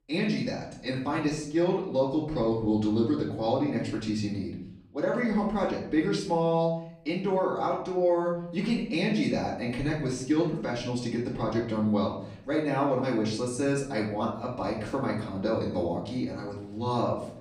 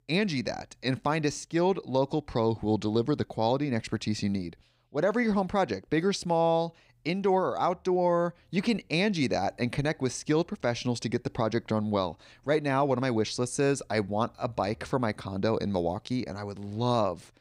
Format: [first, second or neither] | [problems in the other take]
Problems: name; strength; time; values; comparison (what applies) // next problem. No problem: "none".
second | off-mic speech; far // room echo; noticeable; dies away in 0.6 s